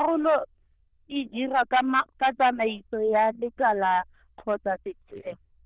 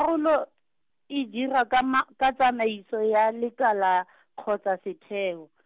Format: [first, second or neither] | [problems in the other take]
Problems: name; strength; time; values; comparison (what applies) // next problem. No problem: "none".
second | noise reduction (neural diffusion model UNIVERSE++)